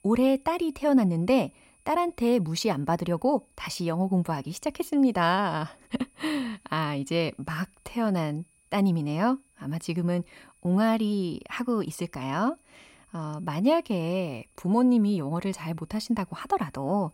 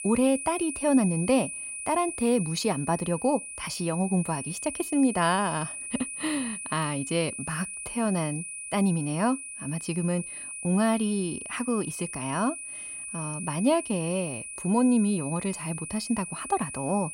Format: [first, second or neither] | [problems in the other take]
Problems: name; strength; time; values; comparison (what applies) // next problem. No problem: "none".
first | high-pitched whine; loud; throughout; 10 kHz, 7 dB below the speech; faint in the first